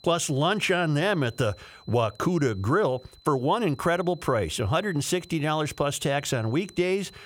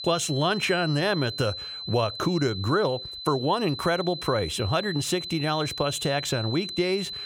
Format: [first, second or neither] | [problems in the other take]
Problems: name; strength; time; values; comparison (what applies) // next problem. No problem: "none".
first | high-pitched whine; loud; throughout; 4 kHz, 7 dB below the speech; faint in the first